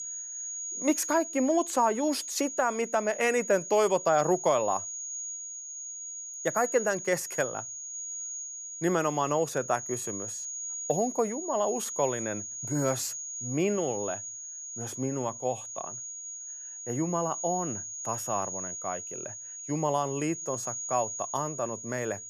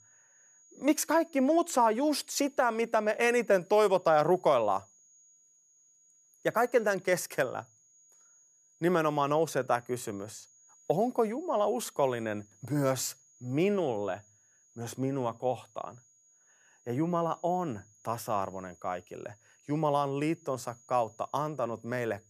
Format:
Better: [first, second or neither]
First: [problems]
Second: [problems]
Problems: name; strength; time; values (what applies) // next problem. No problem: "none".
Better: second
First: high-pitched whine; loud; throughout; 6.5 kHz, 6 dB below the speech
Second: high-pitched whine; faint; throughout; 6.5 kHz, 30 dB below the speech